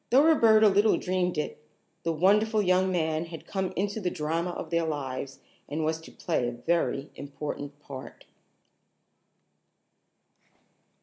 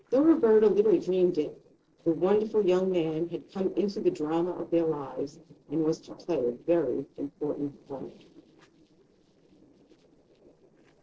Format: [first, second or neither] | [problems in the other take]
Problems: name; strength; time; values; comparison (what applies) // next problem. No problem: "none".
first | noise reduction (neural separator model SepFormer DNS4)